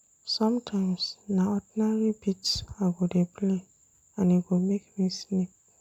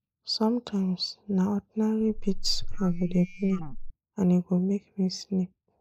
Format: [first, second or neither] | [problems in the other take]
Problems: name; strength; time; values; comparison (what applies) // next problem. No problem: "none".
first | noise reduction (neural mask model Resemble Enhance denoiser)